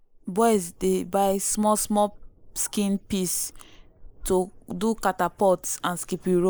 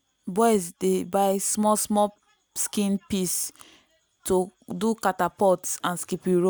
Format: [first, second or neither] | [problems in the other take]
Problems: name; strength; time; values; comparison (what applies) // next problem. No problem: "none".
second | noise reduction (neural mask model Resemble Enhance denoiser)